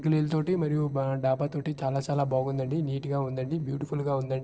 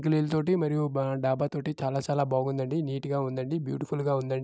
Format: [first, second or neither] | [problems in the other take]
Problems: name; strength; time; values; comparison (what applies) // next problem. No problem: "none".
second | noise reduction (neural separator model SepFormer DNS4)